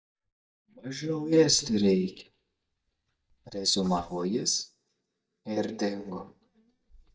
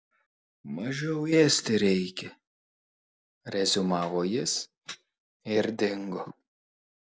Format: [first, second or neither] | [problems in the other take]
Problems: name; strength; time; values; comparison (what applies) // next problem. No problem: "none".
second | noise reduction (neural mask model DeepFilterNet 3)